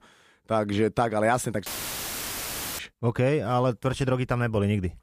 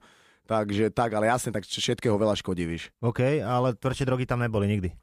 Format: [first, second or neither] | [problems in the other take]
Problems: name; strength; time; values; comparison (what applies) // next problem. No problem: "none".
second | audio cutting out; filled with static; at 1.5 s for 1 s